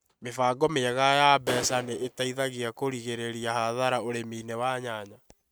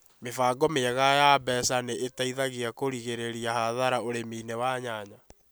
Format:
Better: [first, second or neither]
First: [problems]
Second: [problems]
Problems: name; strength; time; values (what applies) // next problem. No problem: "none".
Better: second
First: noise reduction (neural mask model RNNoise)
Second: none